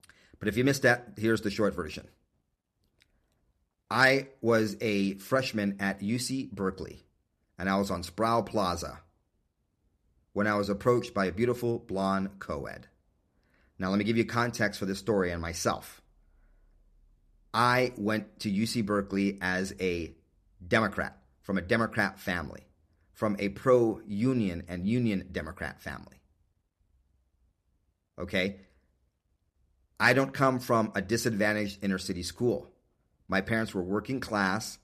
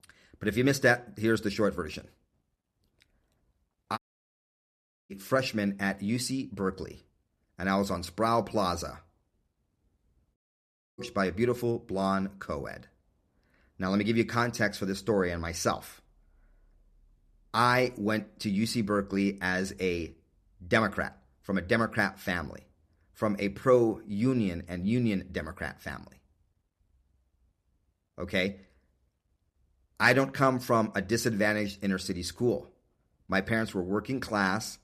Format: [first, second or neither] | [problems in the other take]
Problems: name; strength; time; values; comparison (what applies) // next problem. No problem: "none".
first | audio cutting out; at 4 s for 1 s and at 10 s for 0.5 s